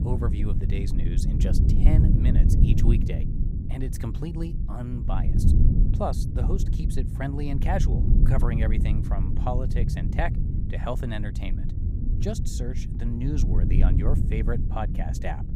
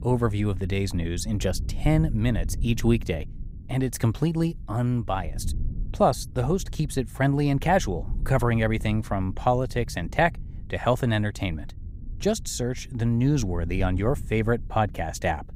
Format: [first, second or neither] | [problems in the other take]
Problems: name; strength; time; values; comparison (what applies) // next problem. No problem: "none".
second | low rumble; loud; throughout; 3 dB below the speech; faint in the second